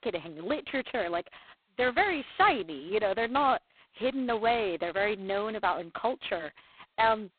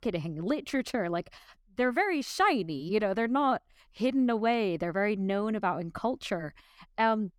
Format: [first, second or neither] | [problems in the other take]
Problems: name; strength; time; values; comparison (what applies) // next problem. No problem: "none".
second | phone-call audio; poor line; nothing above 4 kHz